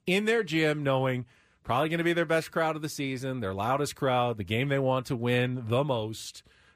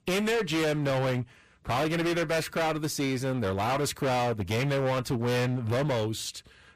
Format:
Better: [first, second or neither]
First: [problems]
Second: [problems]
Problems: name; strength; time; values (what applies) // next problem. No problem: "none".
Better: first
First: none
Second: distortion; heavy; 28% of the sound clipped